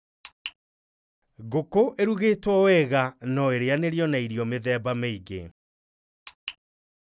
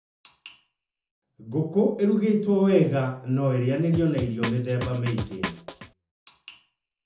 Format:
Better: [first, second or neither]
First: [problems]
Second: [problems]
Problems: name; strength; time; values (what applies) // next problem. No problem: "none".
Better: first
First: none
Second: background sound (Drum); 8 dB below the speech // room echo; dies away in 0.5 s